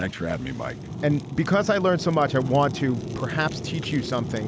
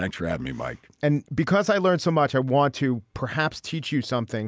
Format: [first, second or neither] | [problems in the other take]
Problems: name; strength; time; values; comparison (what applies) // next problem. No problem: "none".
second | background sound (Fire); 9 dB below the speech